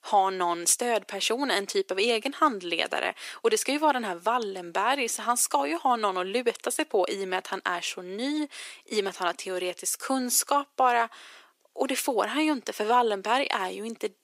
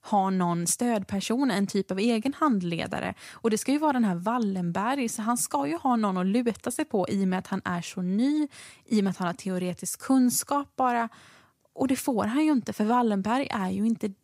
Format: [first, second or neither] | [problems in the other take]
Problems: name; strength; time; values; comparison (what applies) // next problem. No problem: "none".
second | thin; somewhat; fading below 350 Hz